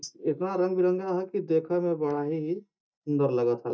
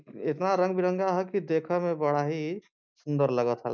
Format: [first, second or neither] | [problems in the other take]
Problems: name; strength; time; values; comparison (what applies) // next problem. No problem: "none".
second | noise reduction (neural mask model DeepFilterNet 3)